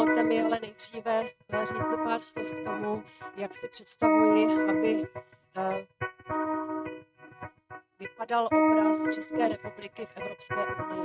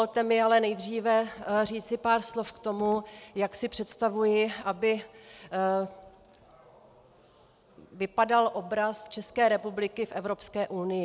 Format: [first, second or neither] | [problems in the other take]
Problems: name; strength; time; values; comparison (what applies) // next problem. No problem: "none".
second | noise reduction (neural mask model RNNoise)